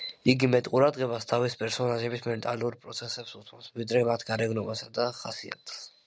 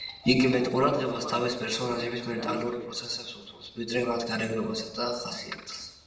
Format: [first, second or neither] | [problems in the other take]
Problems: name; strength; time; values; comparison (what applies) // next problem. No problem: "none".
first | background sound (Sliding door / Train); 15 dB below the speech // room echo; dies away in 0.7 s